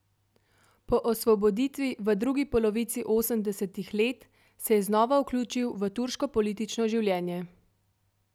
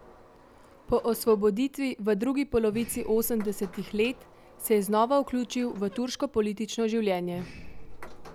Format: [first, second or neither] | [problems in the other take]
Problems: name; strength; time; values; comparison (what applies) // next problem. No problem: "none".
first | background sound (Sliding door); 17 dB below the speech